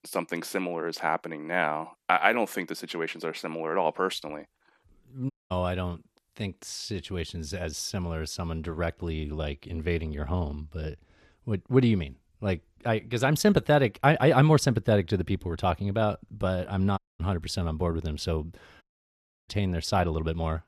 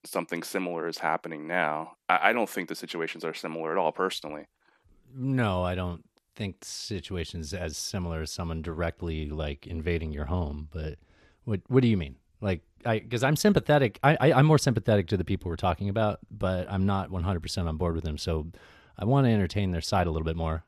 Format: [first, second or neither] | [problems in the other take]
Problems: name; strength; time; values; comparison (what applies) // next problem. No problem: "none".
second | audio cutting out; at 5.5 s, at 17 s and at 19 s for 0.5 s